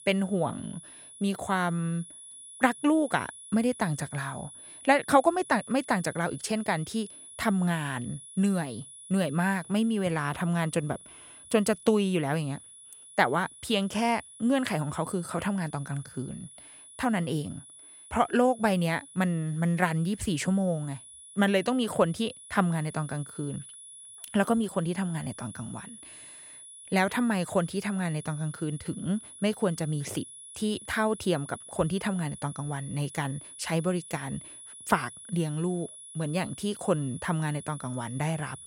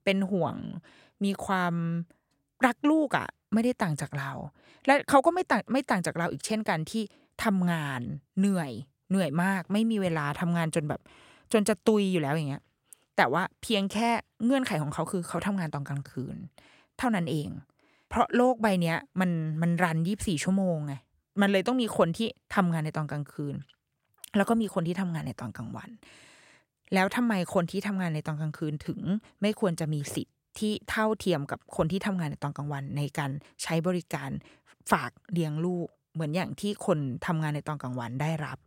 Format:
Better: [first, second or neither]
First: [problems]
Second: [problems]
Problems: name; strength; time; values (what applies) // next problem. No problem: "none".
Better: second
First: high-pitched whine; noticeable; throughout; 10.5 kHz, 15 dB below the speech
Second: none